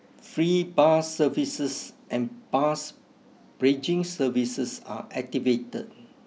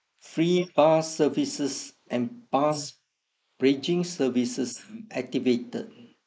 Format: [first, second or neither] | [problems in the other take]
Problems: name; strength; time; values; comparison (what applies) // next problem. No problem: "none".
first | noise reduction (neural mask model Resemble Enhance denoiser)